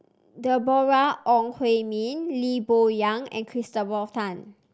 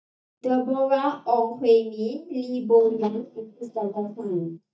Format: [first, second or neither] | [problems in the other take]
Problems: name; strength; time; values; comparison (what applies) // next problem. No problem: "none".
first | noise reduction (neural mask model DeepFilterNet 3)